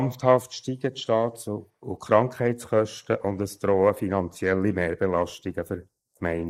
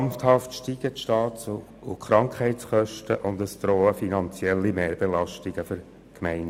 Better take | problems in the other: second | noise reduction (neural mask model Resemble Enhance denoiser)

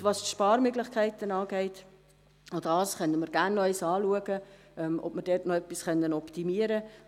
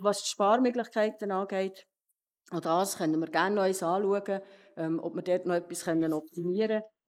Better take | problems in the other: first | noise reduction (neural mask model Resemble Enhance denoiser)

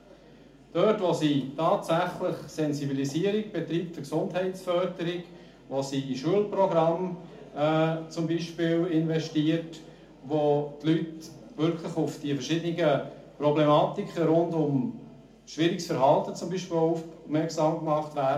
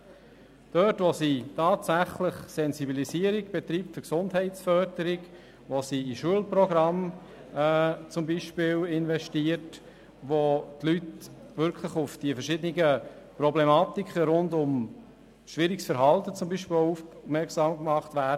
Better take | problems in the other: second | room echo; dies away in 0.4 s

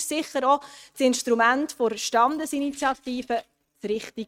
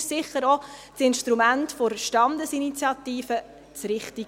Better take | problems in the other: second | noise reduction (neural mask model RNNoise)

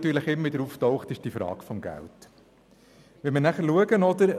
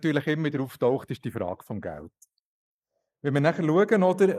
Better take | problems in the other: first | noise reduction (neural mask model Resemble Enhance denoiser)

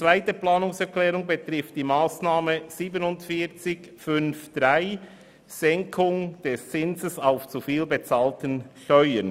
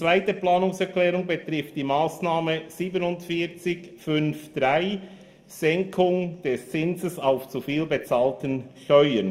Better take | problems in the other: first | room echo; dies away in 0.4 s

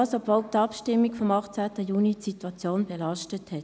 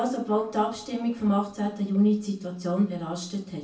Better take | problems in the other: first | room echo; dies away in 0.3 s

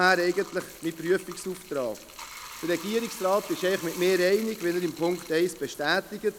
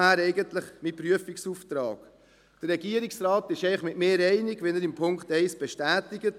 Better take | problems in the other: second | background sound (Bathtub (filling or washing)); 16 dB below the speech

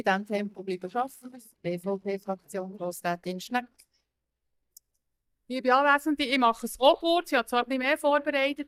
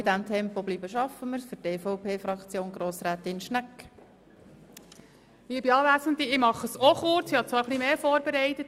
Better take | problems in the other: second | noise reduction (neural mask model DeepFilterNet 3)

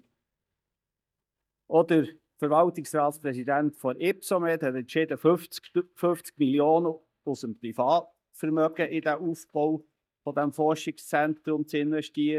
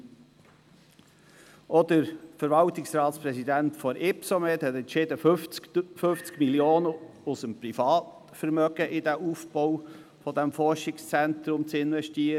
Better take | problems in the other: second | noise reduction (neural mask model DeepFilterNet 3)

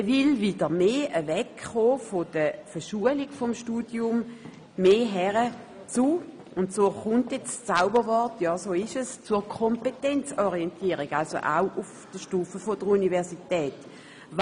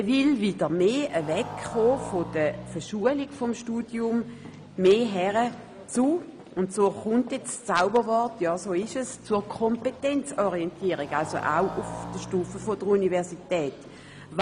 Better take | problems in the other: first | background sound (Motorcycle); 16 dB below the speech

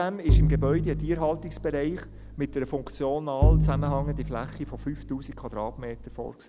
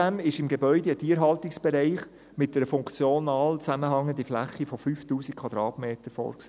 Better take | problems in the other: second | background sound (Bowed string instrument); 4 dB above the speech

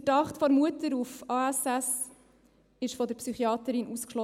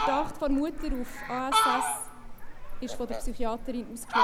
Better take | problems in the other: first | background sound (Fowl); 3 dB above the speech

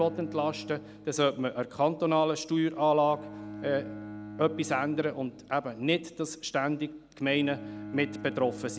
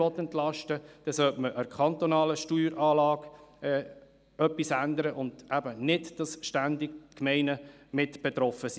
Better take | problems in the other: second | background sound (Bowed string instrument); 15 dB below the speech

